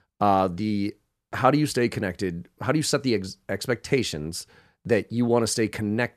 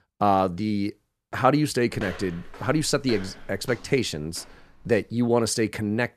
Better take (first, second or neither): first